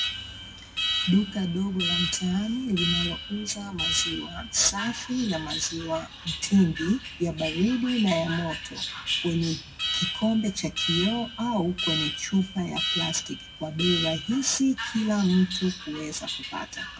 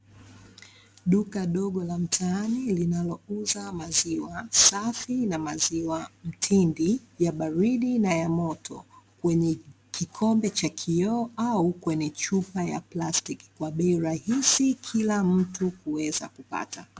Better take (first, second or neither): second